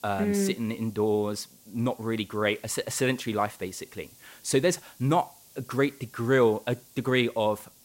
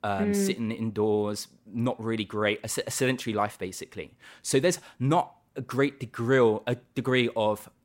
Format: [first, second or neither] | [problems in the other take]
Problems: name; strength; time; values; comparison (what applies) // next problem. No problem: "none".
second | hiss; faint; throughout; 25 dB below the speech